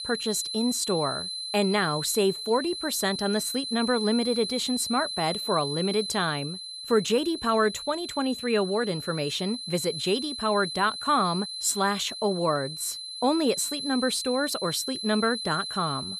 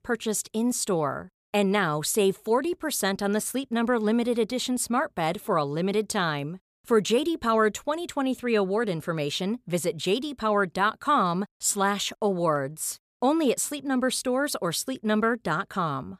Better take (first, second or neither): second